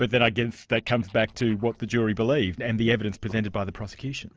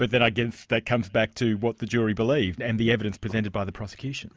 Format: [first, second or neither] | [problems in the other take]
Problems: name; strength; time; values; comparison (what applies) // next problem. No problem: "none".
second | noise reduction (neural separator model SepFormer DNS4)